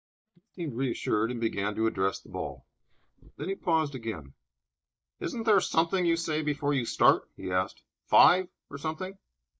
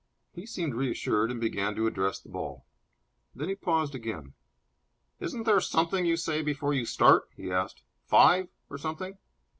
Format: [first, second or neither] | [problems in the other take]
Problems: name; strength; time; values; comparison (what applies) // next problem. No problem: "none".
second | noise reduction (neural mask model DeepFilterNet 3)